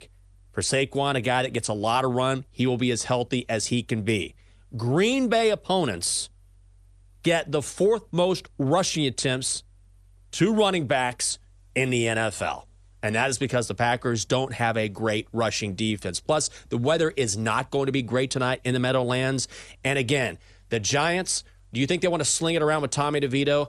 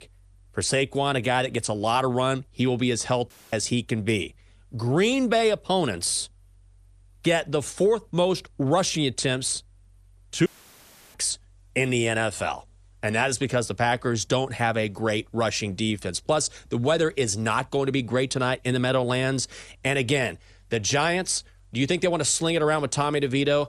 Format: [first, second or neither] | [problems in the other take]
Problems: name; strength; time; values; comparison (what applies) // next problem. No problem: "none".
first | audio cutting out; at 3.5 s and at 10 s for 0.5 s